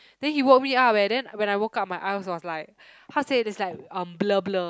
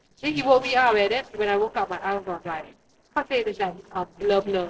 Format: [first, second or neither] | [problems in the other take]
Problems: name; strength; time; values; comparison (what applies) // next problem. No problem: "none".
first | noise reduction (neural separator model SepFormer DNS4)